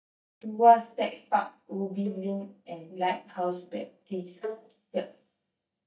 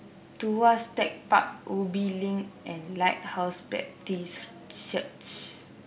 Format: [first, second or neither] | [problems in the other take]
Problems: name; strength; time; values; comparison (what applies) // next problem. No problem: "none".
second | noise reduction (neural mask model DeepFilterNet 3)